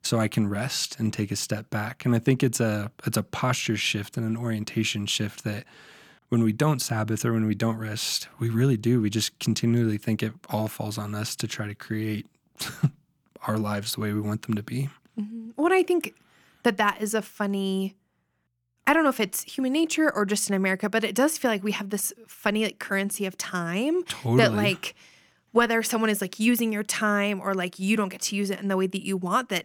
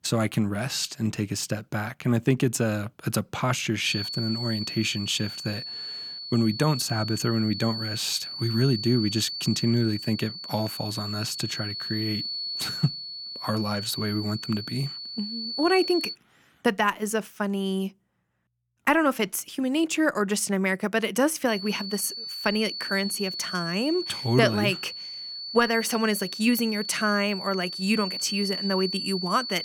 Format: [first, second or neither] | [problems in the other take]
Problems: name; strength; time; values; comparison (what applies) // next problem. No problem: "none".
first | high-pitched whine; loud; from 4 to 16 s and from 21 s on; 4.5 kHz, 6 dB below the speech